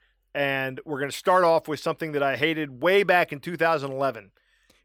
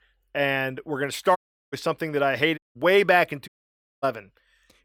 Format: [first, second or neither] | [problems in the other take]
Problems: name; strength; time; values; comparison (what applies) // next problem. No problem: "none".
first | audio cutting out; at 1.5 s, at 2.5 s and at 3.5 s for 0.5 s